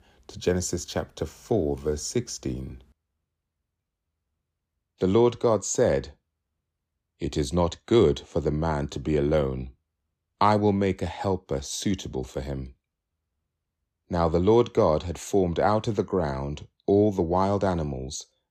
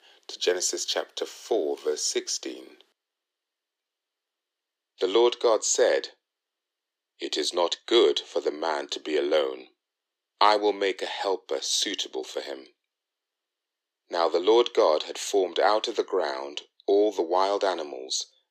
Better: first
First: none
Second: thin; very; fading below 350 Hz

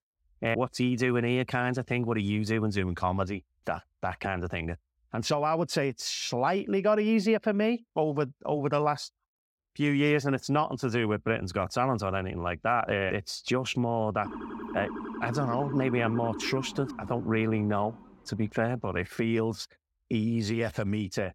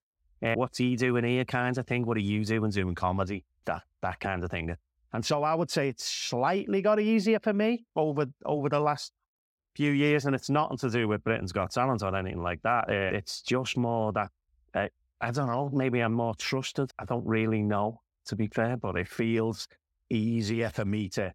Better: second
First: siren; noticeable; from 14 to 18 s; peak 8 dB below the speech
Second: none

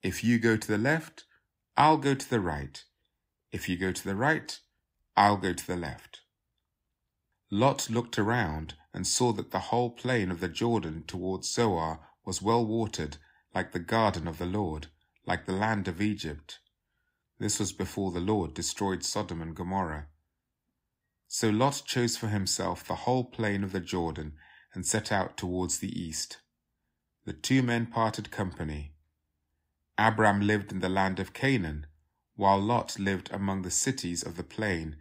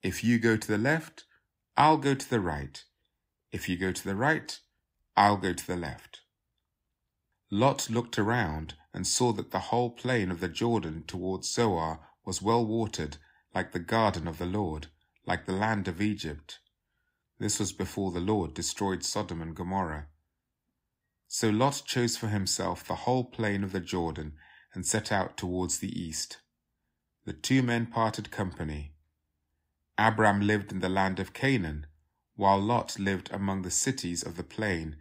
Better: neither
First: none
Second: none

